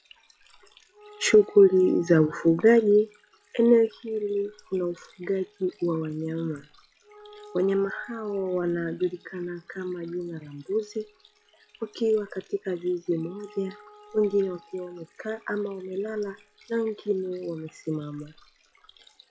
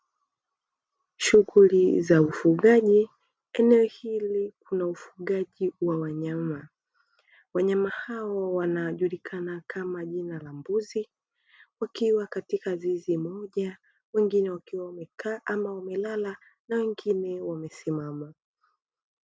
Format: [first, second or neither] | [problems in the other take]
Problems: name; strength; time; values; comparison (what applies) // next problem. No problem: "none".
second | noise reduction (classical method log-MMSE)